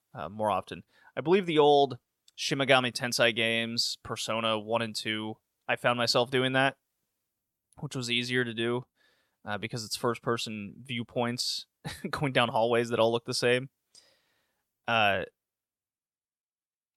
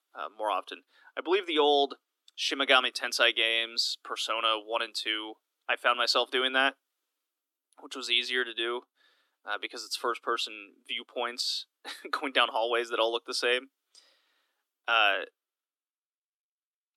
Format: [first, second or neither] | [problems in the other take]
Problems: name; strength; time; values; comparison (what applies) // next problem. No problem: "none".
first | thin; somewhat; fading below 250 Hz